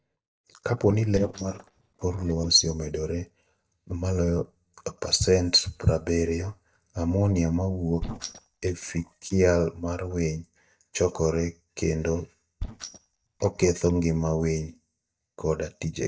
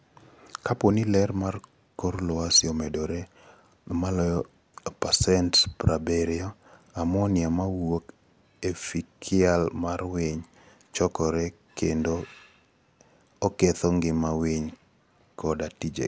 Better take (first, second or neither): second